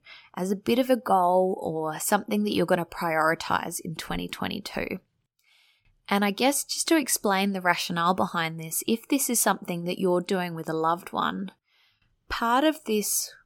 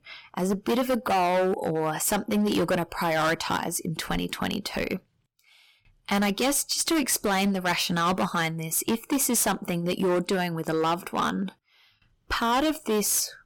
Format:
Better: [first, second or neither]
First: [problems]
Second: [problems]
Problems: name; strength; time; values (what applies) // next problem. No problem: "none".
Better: first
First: none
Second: distortion; heavy; 13% of the sound clipped